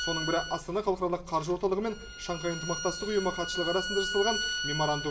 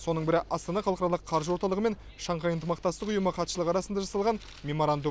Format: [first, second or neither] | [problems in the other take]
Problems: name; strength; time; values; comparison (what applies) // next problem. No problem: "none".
second | background sound (Bowed string instrument); 5 dB below the speech // room echo; dies away in 1 s